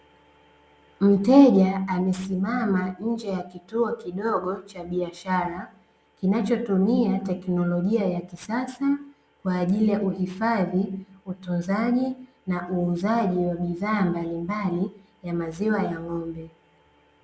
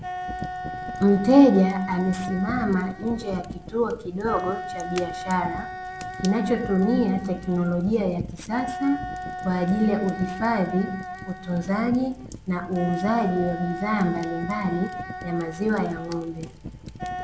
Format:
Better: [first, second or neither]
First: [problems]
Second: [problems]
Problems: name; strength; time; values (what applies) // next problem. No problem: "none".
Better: first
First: none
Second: background sound (Wind instrument, woodwind instrument + Fire); 10 dB below the speech